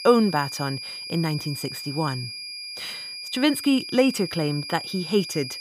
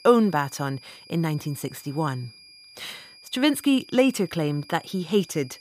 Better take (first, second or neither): second